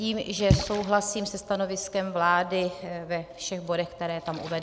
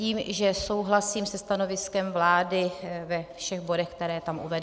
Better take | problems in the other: second | background sound (Splash, splatter); 7 dB below the speech

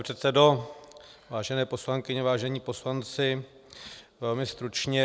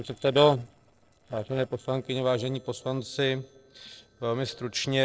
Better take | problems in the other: first | noise reduction (neural separator model SepFormer DNS4)

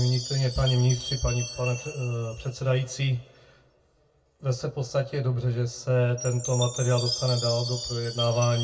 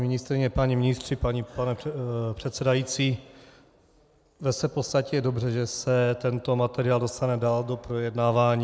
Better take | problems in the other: second | background sound (Chime); 11 dB below the speech // room echo; dies away in 0.1 s

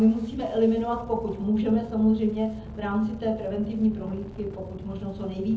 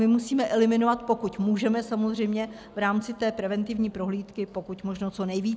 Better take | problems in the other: second | background sound (Engine starting); 15 dB below the speech // room echo; dies away in 0.7 s

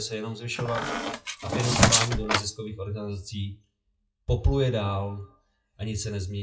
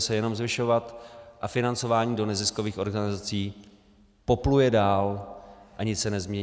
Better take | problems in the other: second | noise reduction (classical method WPE with log-MMSE)

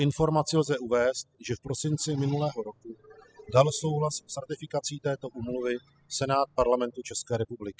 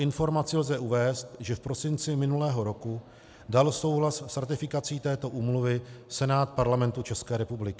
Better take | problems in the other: second | noise reduction (classical method spectral subtraction)

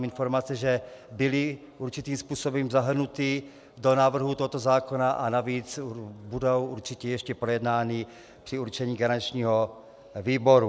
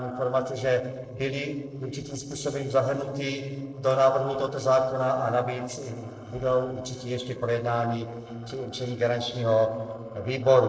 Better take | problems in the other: first | noise reduction (neural separator model SepFormer DNS4)

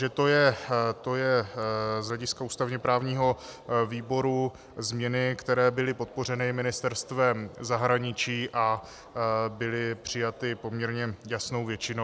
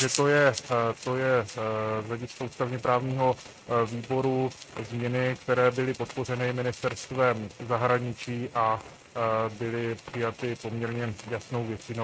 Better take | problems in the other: first | noise reduction (neural mask model RNNoise)

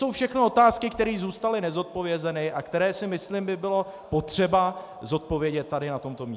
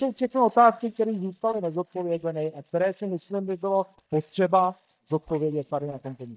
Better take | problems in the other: first | noise reduction (neural mask model DeepFilterNet 3)

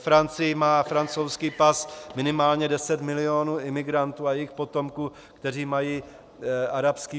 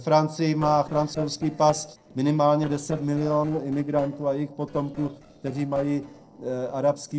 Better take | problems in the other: first | noise reduction (neural separator model SepFormer DNS4)

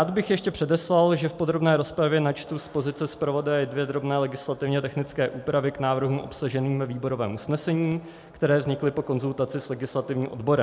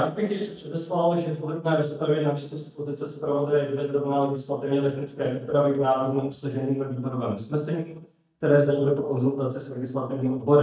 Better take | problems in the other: first | noise reduction (neural mask model DeepFilterNet 3)

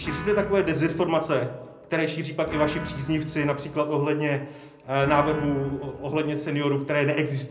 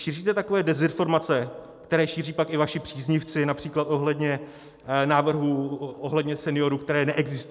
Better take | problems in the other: second | background sound (Guitar); 15 dB below the speech // room echo; dies away in 0.5 s

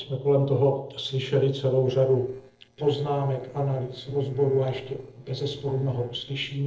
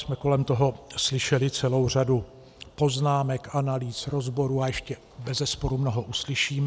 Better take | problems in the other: second | noise reduction (neural separator model SepFormer DNS4)

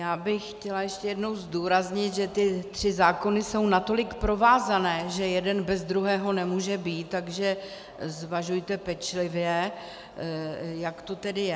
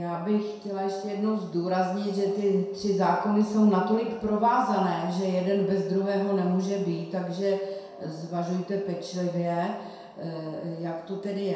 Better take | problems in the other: first | room echo; dies away in 0.7 s

